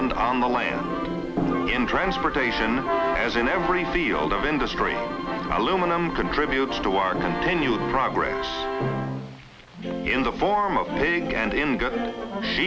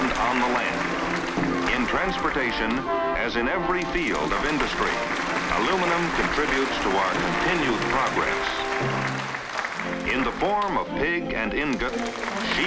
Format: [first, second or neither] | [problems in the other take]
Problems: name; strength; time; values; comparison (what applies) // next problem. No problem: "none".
first | background sound (Applause); 5 dB below the speech